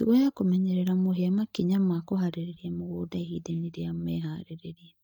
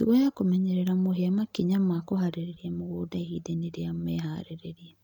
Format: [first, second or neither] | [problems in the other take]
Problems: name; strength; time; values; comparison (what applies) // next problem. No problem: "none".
second | noise reduction (neural mask model DeepFilterNet 3)